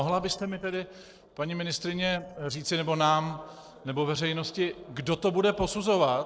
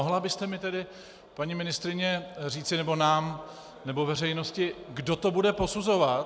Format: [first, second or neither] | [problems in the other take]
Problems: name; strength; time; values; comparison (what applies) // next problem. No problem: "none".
second | noise reduction (neural separator model SepFormer DNS4)